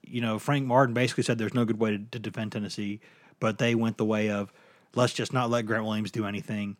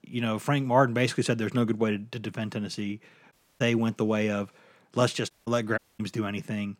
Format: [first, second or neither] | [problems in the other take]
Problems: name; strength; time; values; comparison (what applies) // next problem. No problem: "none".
first | audio cutting out; at 3.5 s, at 5.5 s and at 6 s